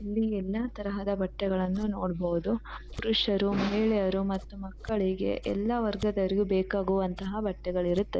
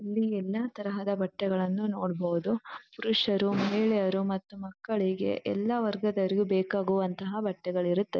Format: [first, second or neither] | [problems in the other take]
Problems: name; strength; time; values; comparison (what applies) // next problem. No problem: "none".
second | background sound (Scissors); 15 dB below the speech